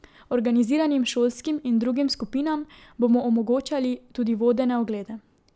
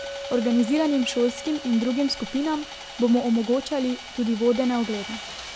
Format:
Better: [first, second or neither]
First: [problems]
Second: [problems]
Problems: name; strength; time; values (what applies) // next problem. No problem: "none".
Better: first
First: none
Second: background sound (Sawing + Chink, clink); 13 dB below the speech